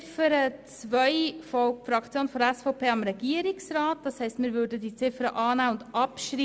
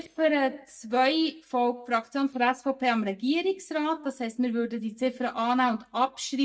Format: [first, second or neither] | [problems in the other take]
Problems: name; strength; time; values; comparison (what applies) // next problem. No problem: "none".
first | noise reduction (neural mask model DeepFilterNet 3)